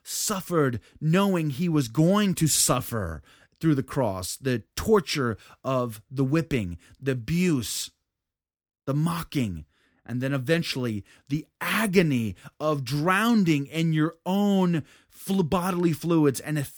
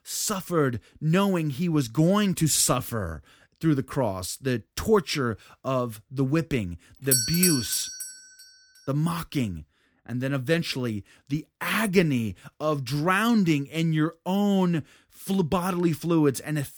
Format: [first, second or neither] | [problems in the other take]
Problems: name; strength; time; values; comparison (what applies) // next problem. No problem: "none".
first | doorbell; loud; at 7 s; peak 5 dB above the speech